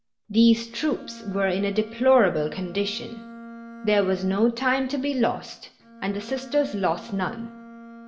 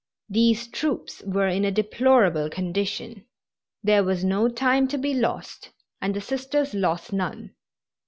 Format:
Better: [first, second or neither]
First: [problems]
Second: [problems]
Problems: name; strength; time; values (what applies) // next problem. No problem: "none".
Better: second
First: background sound (Bowed string instrument); 18 dB below the speech // room echo; dies away in 0.6 s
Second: none